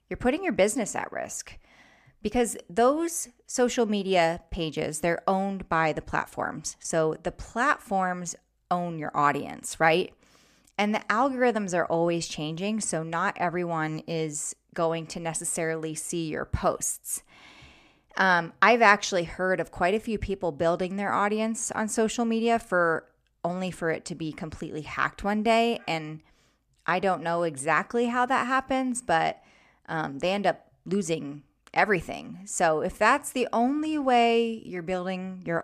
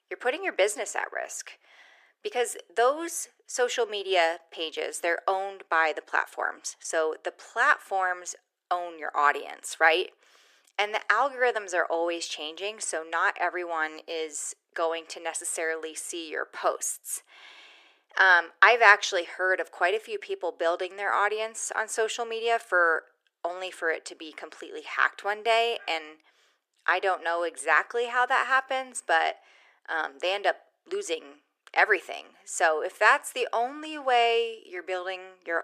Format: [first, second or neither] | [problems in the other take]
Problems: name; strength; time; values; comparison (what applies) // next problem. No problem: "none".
first | thin; very; fading below 350 Hz